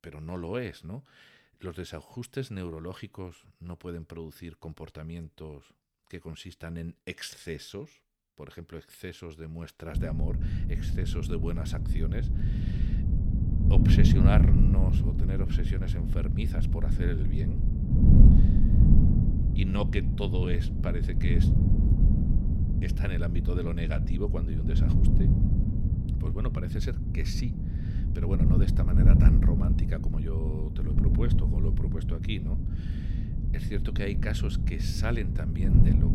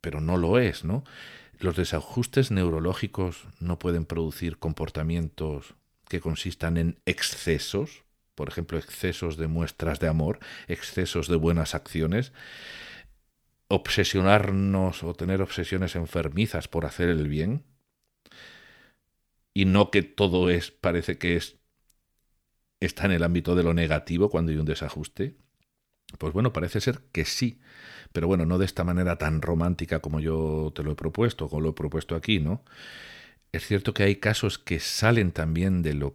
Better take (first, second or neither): second